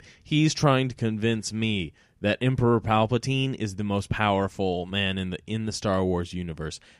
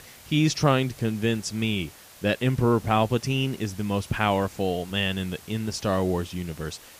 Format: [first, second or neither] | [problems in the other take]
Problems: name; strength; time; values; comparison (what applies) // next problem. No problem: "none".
first | hiss; faint; throughout; 20 dB below the speech